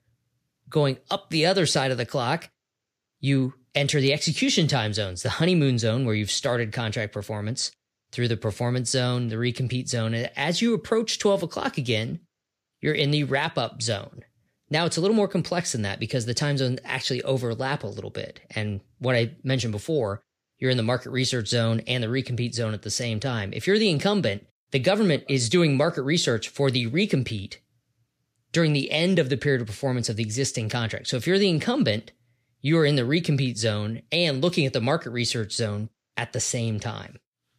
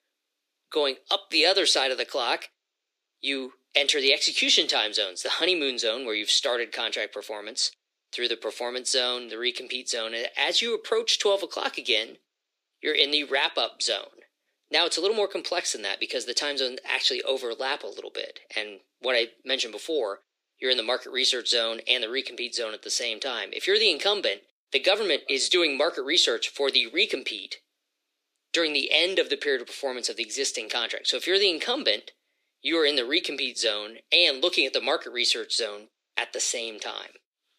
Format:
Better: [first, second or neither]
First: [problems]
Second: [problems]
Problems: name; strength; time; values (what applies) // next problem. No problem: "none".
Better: first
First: none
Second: thin; very; fading below 300 Hz